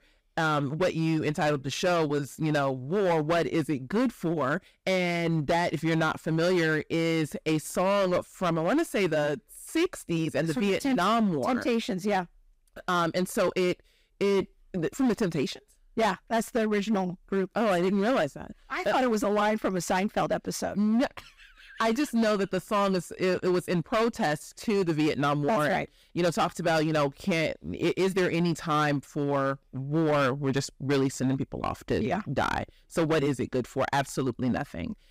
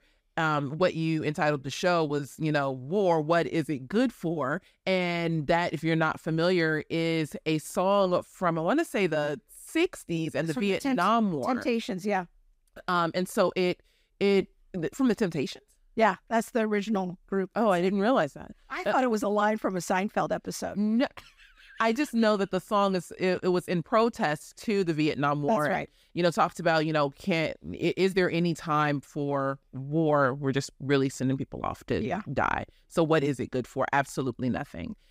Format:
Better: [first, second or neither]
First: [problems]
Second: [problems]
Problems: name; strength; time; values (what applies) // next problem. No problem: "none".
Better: second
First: distortion; slight; 11% of the sound clipped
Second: none